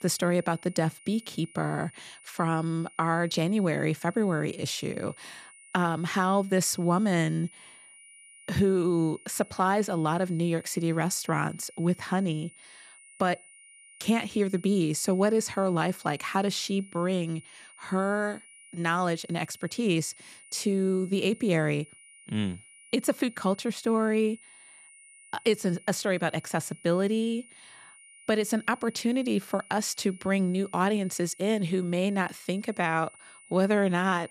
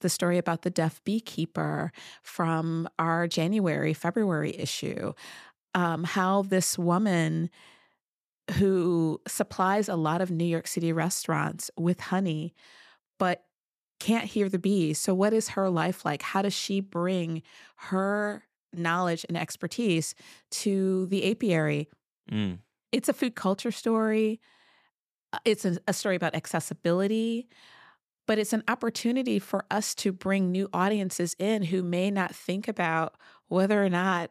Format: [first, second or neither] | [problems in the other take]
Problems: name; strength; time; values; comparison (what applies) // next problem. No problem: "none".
second | high-pitched whine; faint; throughout; 9.5 kHz, 20 dB below the speech